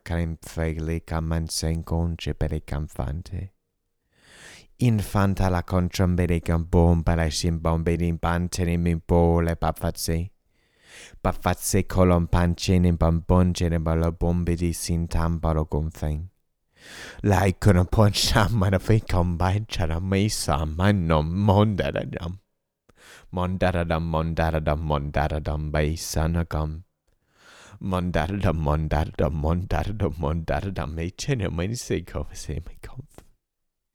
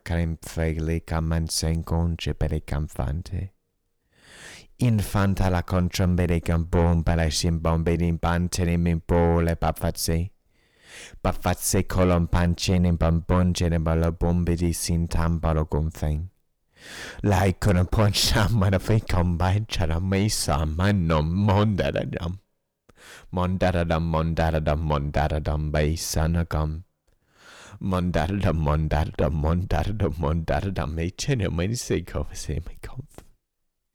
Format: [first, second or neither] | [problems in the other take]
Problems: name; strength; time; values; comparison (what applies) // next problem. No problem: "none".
first | distortion; slight; 10 dB below the speech